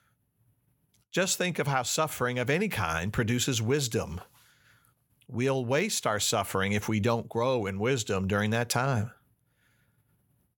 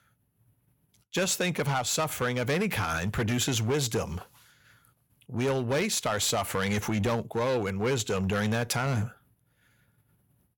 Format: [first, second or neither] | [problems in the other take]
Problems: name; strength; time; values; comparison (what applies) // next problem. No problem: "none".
first | distortion; slight; 9% of the sound clipped